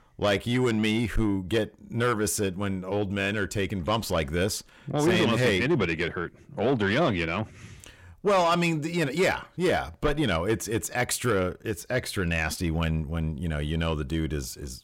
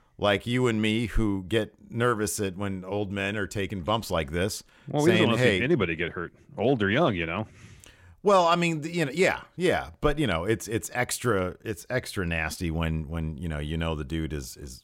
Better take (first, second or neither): second